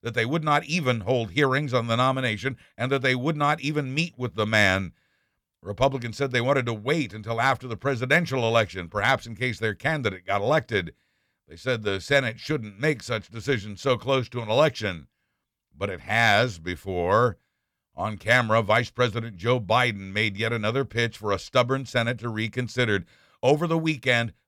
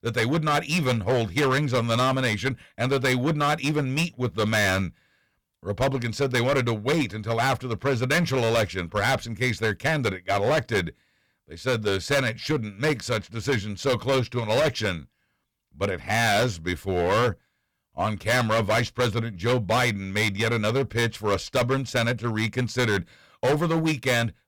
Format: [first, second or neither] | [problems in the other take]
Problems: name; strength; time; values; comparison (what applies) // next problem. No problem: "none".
first | distortion; heavy; 12% of the sound clipped